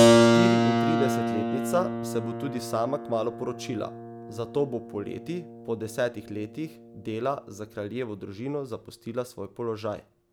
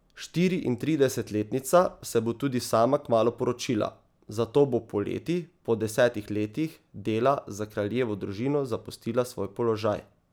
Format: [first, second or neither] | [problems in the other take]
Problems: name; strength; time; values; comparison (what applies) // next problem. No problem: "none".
second | background sound (Keyboard (musical)); 4 dB above the speech